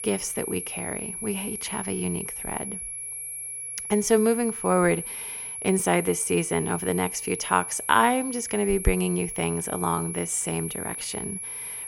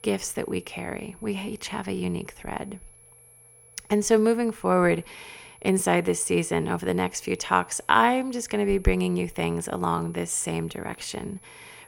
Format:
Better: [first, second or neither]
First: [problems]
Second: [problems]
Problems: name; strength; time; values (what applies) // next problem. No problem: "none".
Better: second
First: high-pitched whine; loud; throughout; 10.5 kHz, 6 dB below the speech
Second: high-pitched whine; faint; throughout; 10.5 kHz, 25 dB below the speech